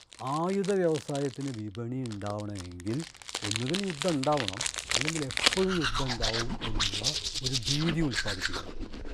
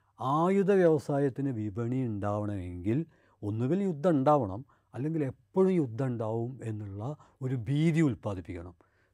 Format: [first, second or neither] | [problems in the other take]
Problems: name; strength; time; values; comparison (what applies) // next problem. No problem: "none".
second | household noises; very loud; throughout; 3 dB above the speech